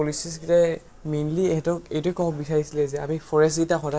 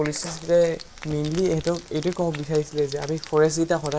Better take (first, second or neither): first